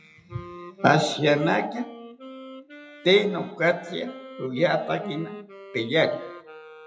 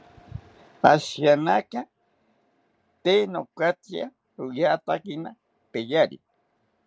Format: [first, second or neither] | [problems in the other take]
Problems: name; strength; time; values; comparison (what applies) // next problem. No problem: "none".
second | noise reduction (classical method WPE with log-MMSE)